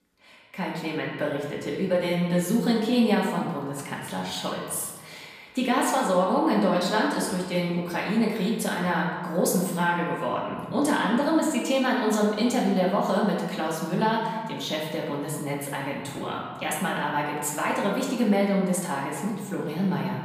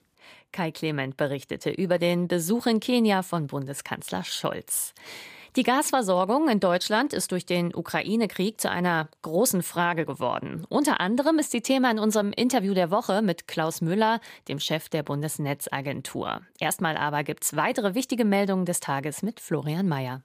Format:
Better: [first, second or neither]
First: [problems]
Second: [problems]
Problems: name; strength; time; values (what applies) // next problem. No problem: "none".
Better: second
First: room echo; noticeable; dies away in 1.2 s // off-mic speech; far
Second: none